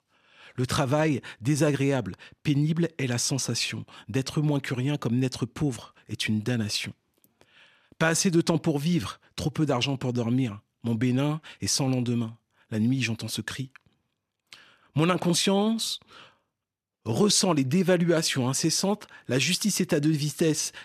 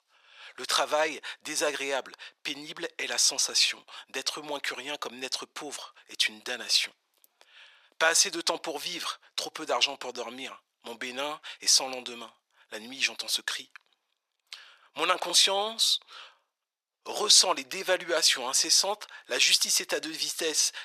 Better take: first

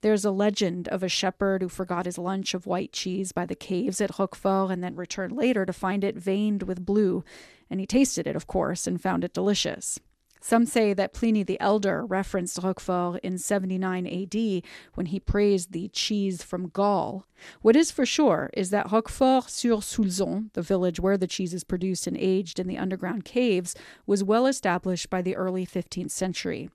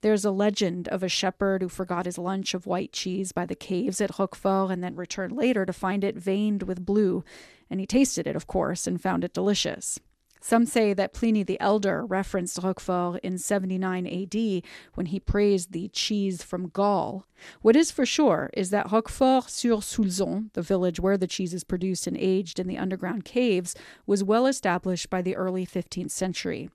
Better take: neither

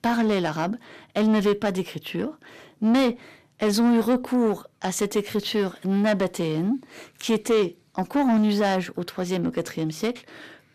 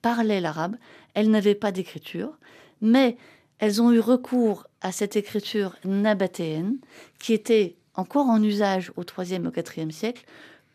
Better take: second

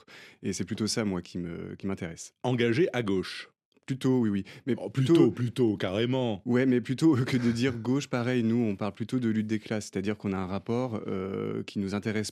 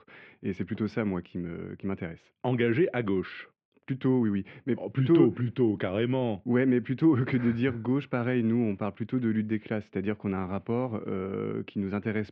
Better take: first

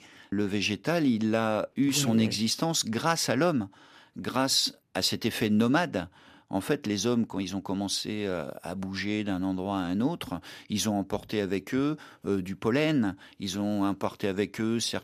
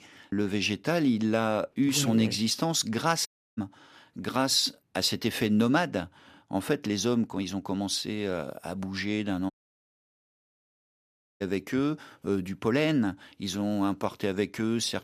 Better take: first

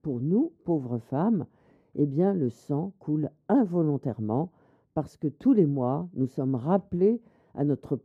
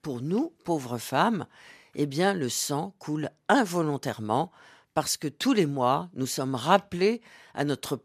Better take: second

